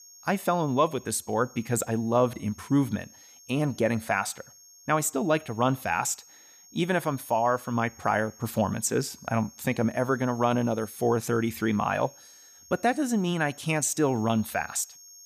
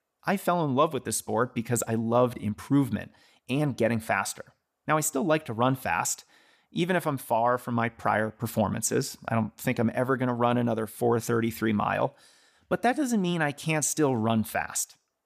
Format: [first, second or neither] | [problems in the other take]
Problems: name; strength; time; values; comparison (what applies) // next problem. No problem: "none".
second | high-pitched whine; faint; throughout; 6.5 kHz, 20 dB below the speech